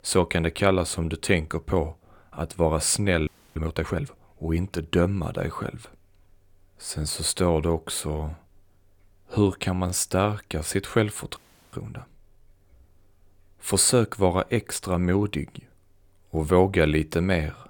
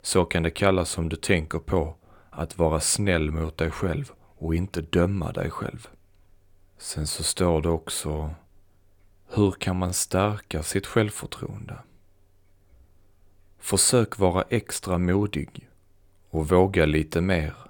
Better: second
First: audio freezing; at 3.5 s and at 11 s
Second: none

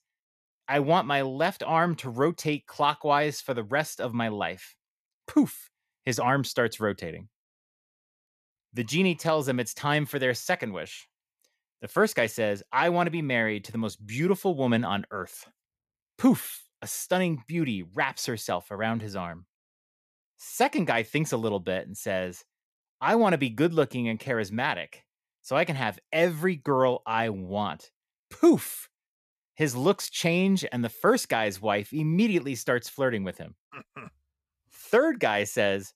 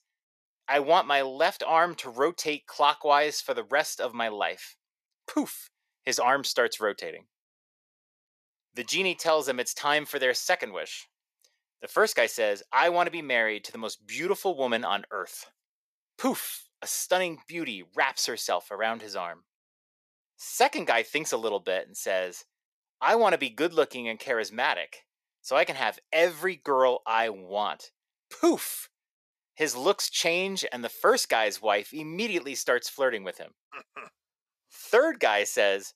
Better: first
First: none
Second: thin; somewhat; fading below 500 Hz

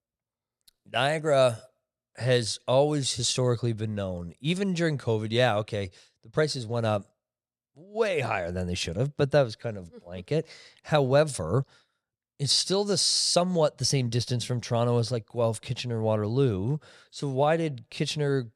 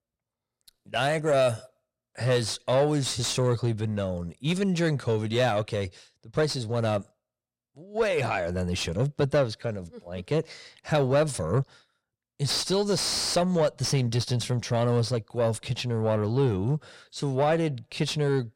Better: first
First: none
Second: distortion; slight; 10 dB below the speech

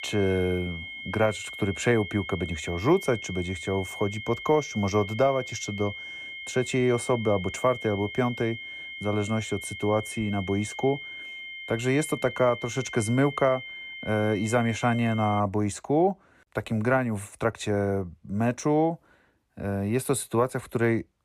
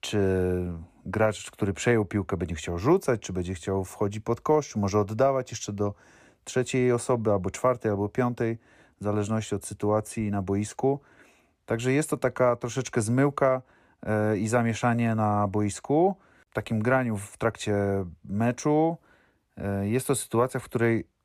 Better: second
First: high-pitched whine; loud; until 15 s; 2 kHz, 10 dB below the speech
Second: none

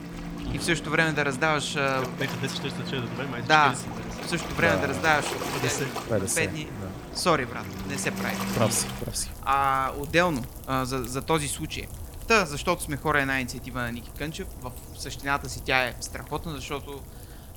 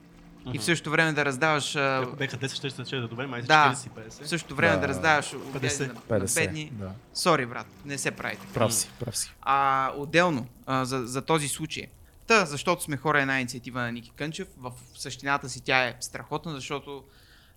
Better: second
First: rain or running water; loud; throughout; 10 dB below the speech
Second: rain or running water; faint; throughout; 25 dB below the speech

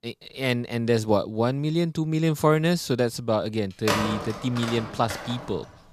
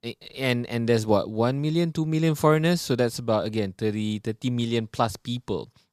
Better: second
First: phone ringing; noticeable; from 4 to 5.5 s; peak level with the speech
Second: none

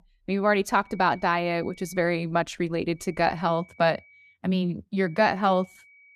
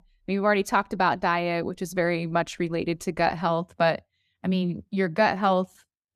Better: second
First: high-pitched whine; faint; from 1 to 2 s, from 3 to 4.5 s and from 5 s on; 2.5 kHz, 25 dB below the speech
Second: none

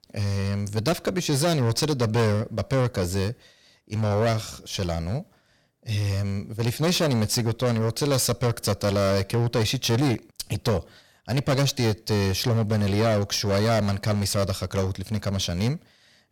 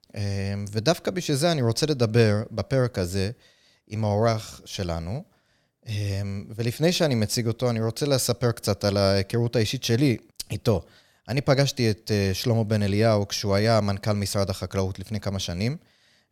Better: second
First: distortion; heavy; 13% of the sound clipped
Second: none

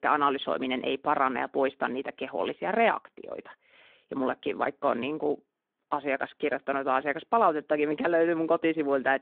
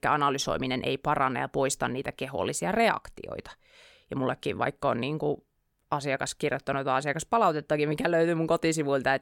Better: second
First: phone-call audio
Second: none

